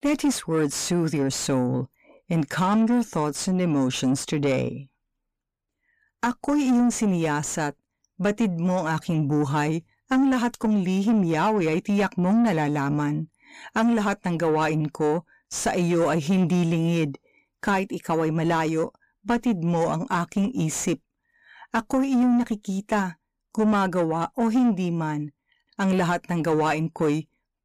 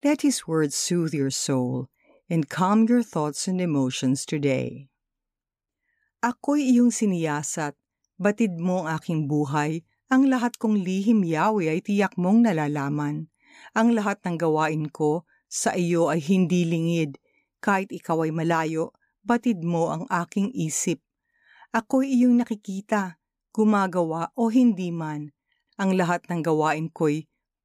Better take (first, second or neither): second